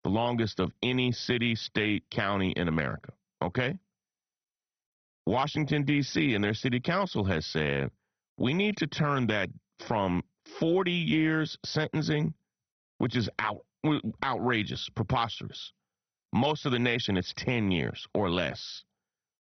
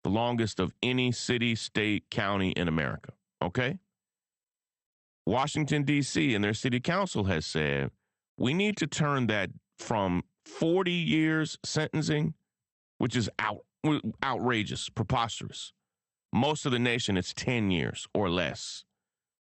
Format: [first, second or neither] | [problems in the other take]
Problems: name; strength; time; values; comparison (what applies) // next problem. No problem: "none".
second | garbled, watery; badly; nothing above 6 kHz; slightly in the second